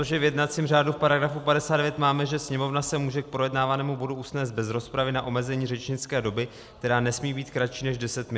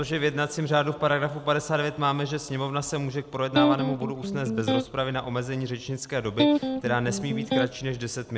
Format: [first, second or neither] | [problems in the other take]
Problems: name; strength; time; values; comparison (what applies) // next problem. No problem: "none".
first | background sound (Electric guitar); 1 dB above the speech